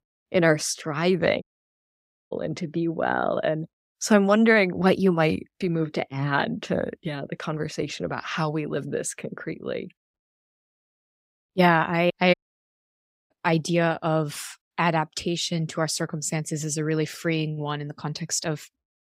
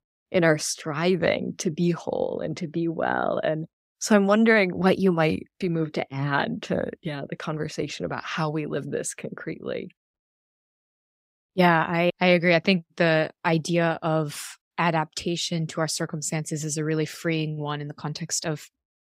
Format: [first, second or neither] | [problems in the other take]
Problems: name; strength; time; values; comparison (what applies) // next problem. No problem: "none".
second | audio cutting out; at 1.5 s for 1 s and at 12 s for 1 s